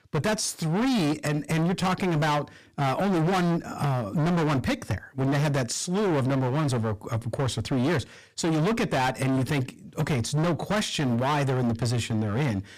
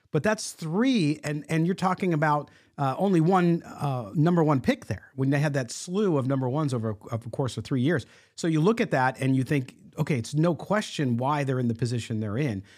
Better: second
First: distortion; heavy; 30% of the sound clipped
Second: none

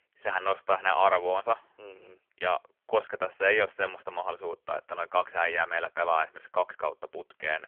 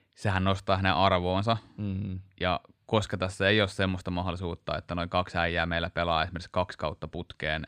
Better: second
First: phone-call audio; poor line; nothing above 3.5 kHz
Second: none

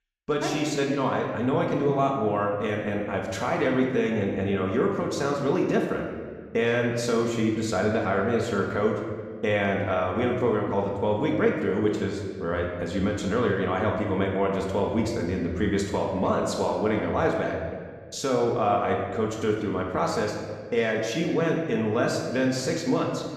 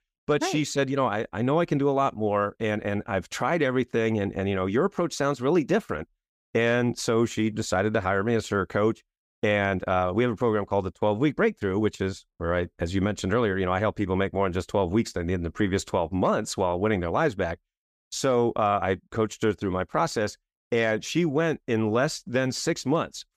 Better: second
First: room echo; noticeable; dies away in 1.4 s // off-mic speech; somewhat distant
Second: none

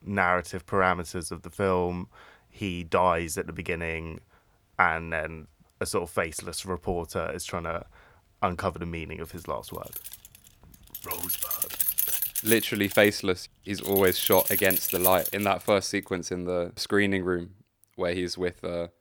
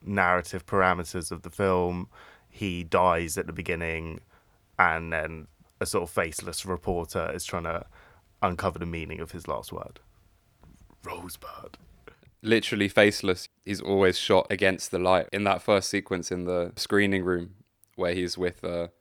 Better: second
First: jangling keys; loud; from 10 to 16 s; peak 5 dB above the speech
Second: none

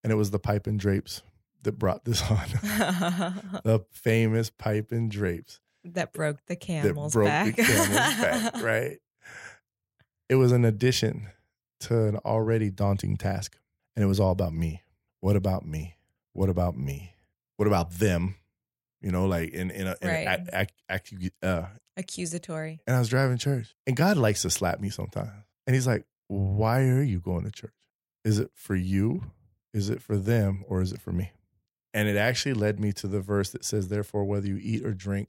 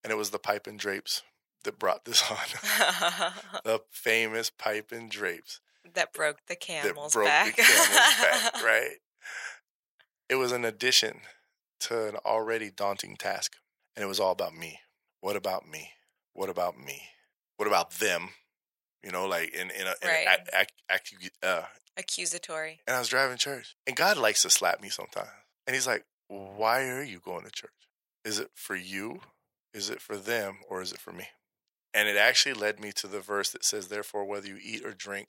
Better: first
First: none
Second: thin; very; fading below 700 Hz

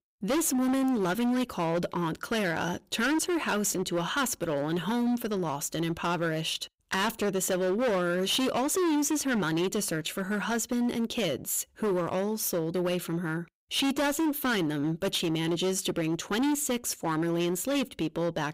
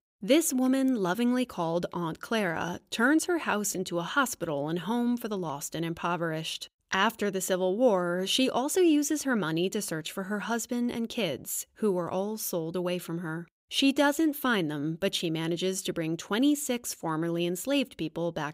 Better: second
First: distortion; heavy; 19% of the sound clipped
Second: none

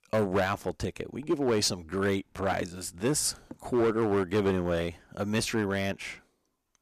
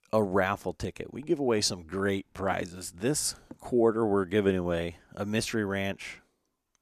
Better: second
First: distortion; slight; 6% of the sound clipped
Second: none

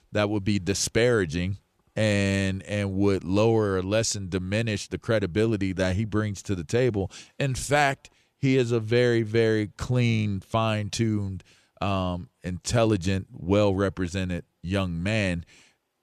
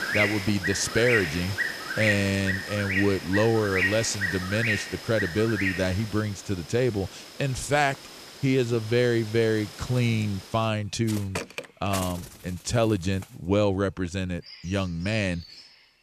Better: first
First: none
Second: animal sounds; loud; throughout; 3 dB below the speech

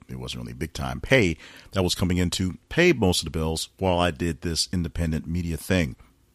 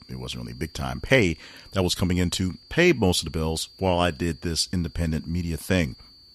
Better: first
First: none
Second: high-pitched whine; faint; throughout; 4.5 kHz, 25 dB below the speech

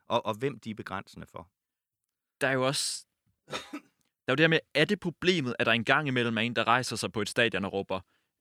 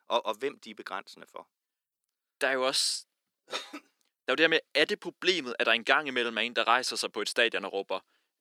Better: first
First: none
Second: thin; somewhat; fading below 350 Hz

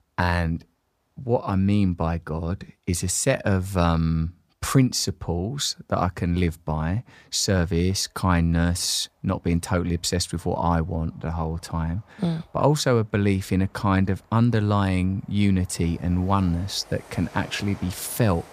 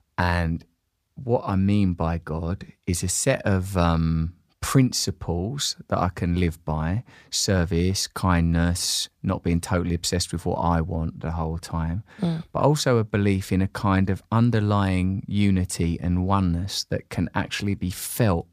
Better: second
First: train or aircraft noise; faint; throughout; 25 dB below the speech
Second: none

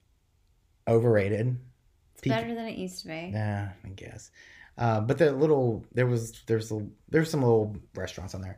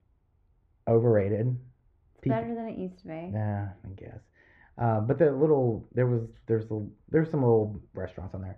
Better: first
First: none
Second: muffled; very; fading above 4 kHz

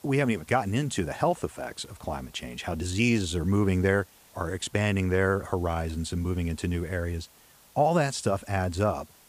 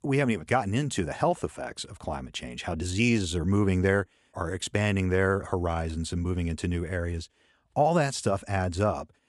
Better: second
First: hiss; faint; throughout; 25 dB below the speech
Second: none

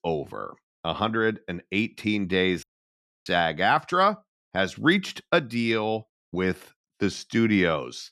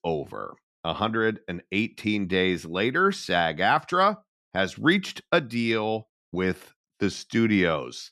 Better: second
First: audio cutting out; at 2.5 s for 0.5 s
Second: none

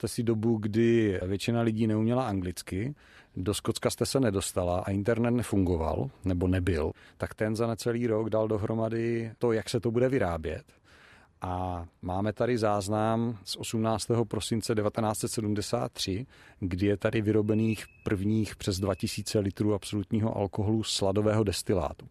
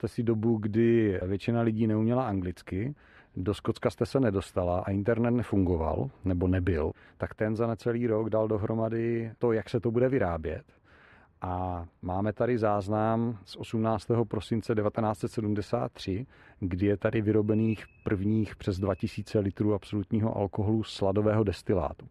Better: first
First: none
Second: muffled; slightly; fading above 3.5 kHz

